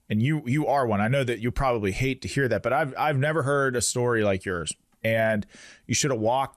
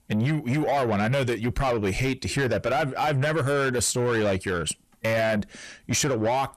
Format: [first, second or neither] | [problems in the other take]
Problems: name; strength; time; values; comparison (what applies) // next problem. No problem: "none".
first | distortion; slight; 10 dB below the speech